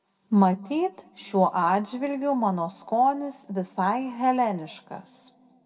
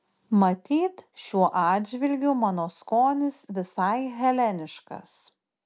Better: second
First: room echo; dies away in 2 s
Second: none

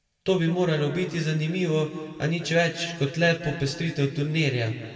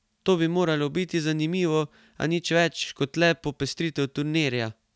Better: second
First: room echo; dies away in 2.1 s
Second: none

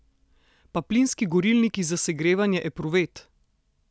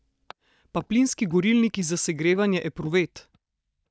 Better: first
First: none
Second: noise reduction (neural mask model DeepFilterNet 3)

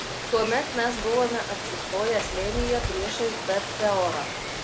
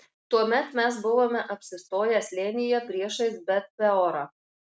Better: second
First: background sound (Rain); 4 dB below the speech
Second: none

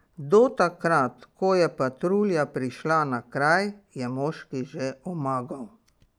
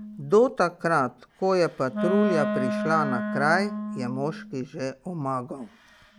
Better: first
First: none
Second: background sound (Wind instrument, woodwind instrument); 6 dB below the speech

